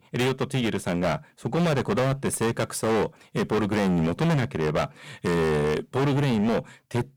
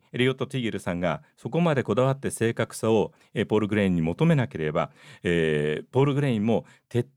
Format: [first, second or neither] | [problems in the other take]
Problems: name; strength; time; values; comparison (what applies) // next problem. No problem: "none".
second | distortion; heavy; 27% of the sound clipped